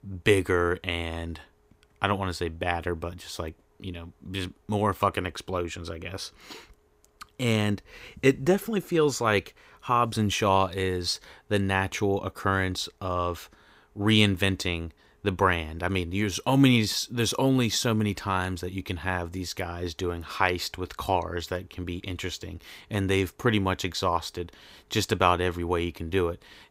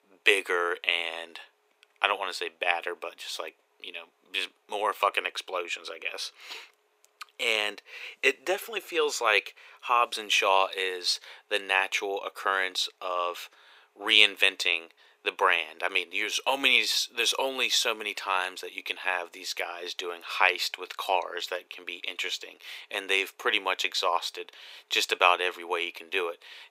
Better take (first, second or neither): first